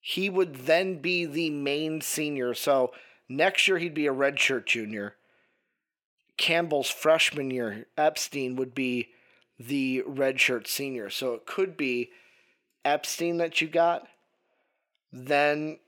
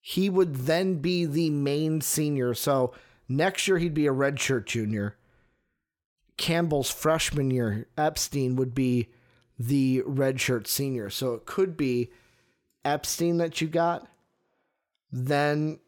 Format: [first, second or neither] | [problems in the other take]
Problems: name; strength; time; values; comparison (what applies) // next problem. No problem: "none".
second | thin; somewhat; fading below 250 Hz